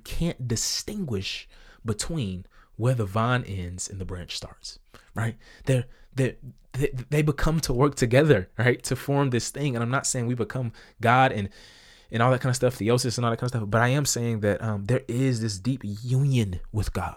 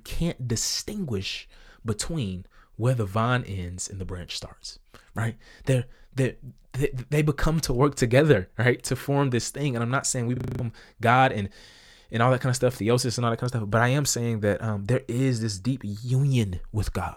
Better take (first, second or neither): first